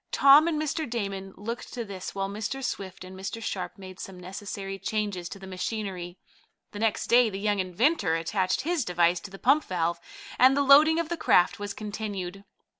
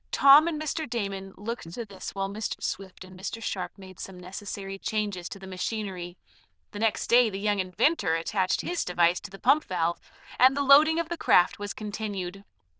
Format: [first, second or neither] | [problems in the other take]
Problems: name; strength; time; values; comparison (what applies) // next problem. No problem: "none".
first | noise reduction (neural diffusion model UNIVERSE++)